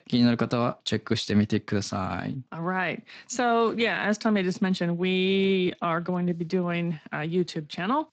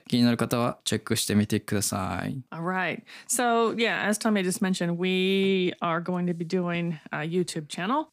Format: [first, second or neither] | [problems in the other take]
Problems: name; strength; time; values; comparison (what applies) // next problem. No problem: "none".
second | garbled, watery; slightly; nothing above 7.5 kHz